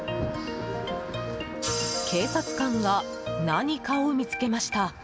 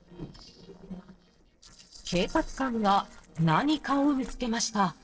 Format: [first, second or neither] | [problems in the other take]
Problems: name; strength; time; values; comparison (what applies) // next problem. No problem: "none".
first | noise reduction (neural separator model SepFormer DNS4)